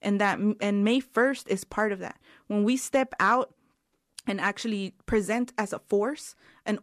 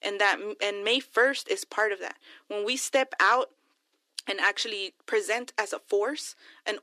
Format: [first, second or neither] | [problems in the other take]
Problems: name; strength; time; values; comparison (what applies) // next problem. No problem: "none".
first | thin; very; fading below 300 Hz